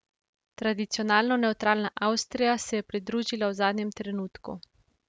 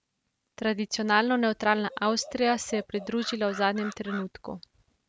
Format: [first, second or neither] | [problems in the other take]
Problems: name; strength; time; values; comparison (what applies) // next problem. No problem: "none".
first | background sound (Animal); 18 dB below the speech